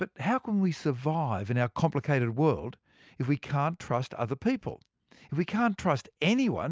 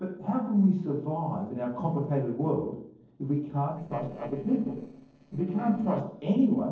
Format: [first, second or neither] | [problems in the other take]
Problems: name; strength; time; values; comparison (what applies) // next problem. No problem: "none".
first | noise reduction (neural separator model SepFormer DNS4)